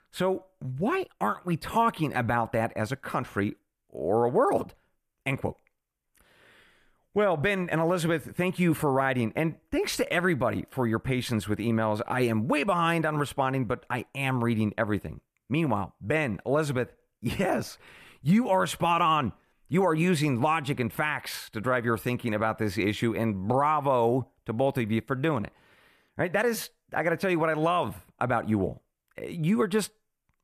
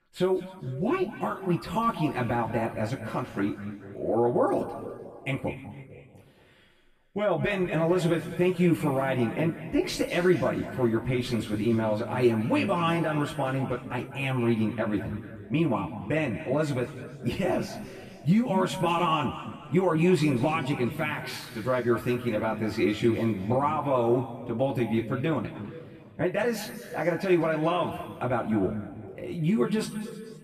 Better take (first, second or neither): first